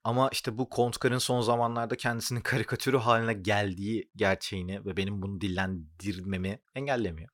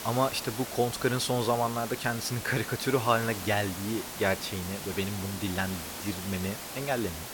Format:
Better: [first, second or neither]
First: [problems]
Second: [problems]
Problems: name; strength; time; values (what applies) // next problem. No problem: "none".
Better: first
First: none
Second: hiss; loud; throughout; 7 dB below the speech